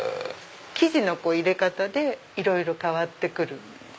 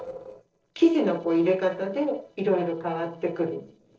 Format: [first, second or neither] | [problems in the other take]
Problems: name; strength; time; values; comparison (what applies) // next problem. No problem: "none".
first | noise reduction (neural separator model SepFormer DNS4)